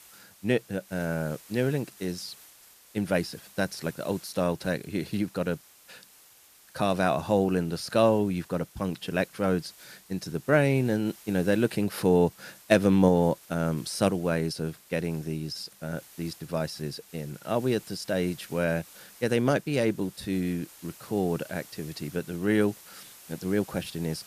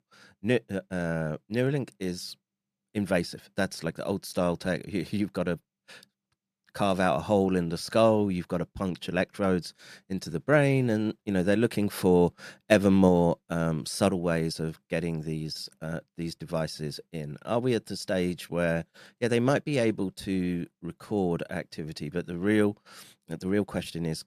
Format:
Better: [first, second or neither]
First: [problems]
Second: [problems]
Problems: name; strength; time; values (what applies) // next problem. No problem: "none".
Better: second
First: hiss; faint; throughout; 20 dB below the speech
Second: none